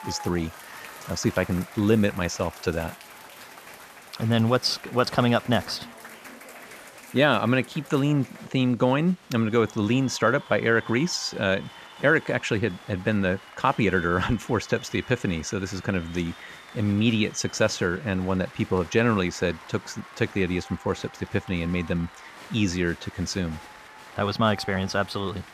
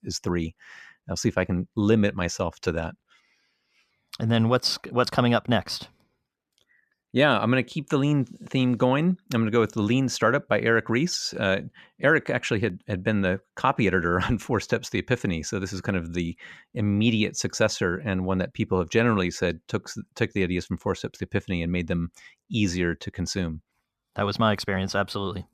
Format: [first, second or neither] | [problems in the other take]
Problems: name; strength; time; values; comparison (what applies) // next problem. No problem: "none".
second | crowd noise; noticeable; throughout; 20 dB below the speech